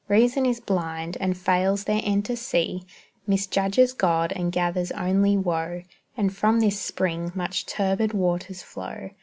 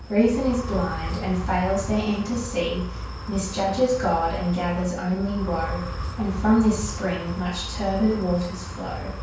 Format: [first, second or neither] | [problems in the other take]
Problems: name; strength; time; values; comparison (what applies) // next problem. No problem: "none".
first | background sound (Wind); 7 dB below the speech // room echo; dies away in 0.5 s